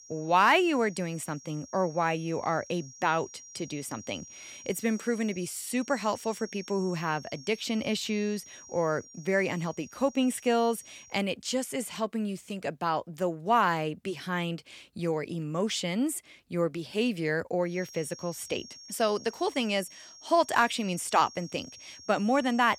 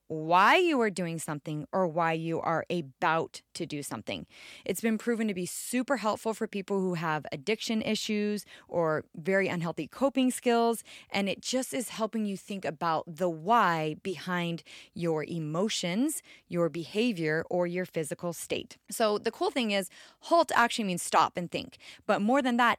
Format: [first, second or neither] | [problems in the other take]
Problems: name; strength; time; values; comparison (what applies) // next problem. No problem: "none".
second | high-pitched whine; noticeable; until 11 s and from 18 s on; 5.5 kHz, 20 dB below the speech